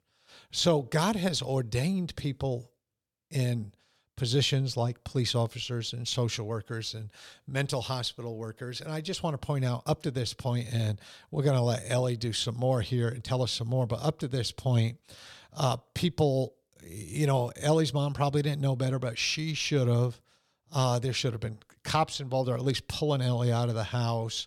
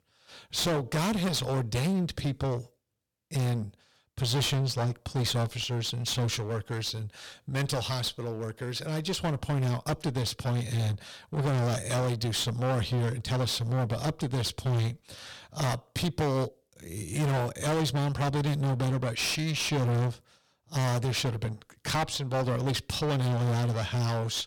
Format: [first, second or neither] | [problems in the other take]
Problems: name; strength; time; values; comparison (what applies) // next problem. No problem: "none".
first | distortion; heavy; 23% of the sound clipped